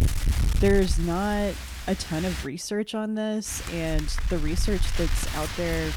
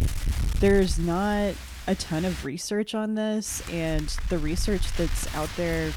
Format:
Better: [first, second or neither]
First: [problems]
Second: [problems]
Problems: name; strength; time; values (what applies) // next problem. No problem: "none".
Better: second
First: wind noise on the microphone; heavy; until 2.5 s and from 3.5 s on; 6 dB below the speech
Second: wind noise on the microphone; occasional gusts; until 2.5 s and from 3.5 s on; 10 dB below the speech